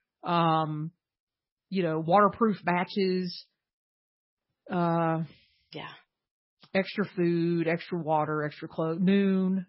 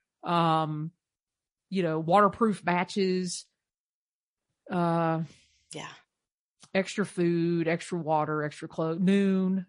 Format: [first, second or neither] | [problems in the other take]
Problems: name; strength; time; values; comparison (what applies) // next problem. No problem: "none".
second | garbled, watery; badly; nothing above 5.5 kHz; slightly in the second